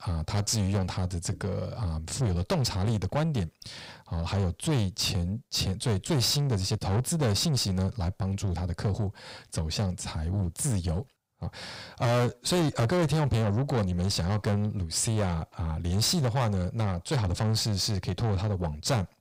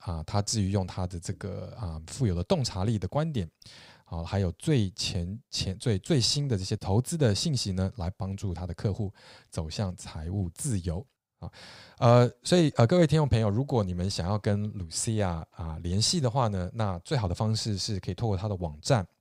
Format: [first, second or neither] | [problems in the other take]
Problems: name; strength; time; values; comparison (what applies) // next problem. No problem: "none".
second | distortion; heavy; 6 dB below the speech